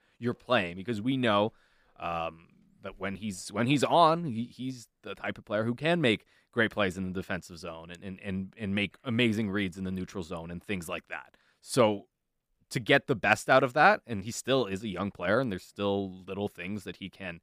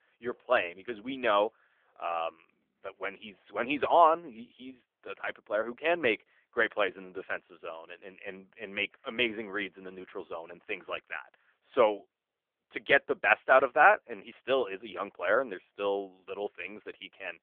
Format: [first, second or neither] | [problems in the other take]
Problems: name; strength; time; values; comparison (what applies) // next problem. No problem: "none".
first | phone-call audio; nothing above 3.5 kHz